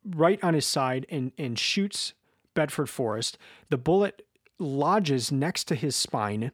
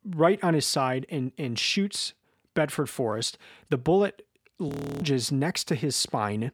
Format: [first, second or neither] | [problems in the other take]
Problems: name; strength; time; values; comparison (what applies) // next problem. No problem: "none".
first | audio freezing; at 4.5 s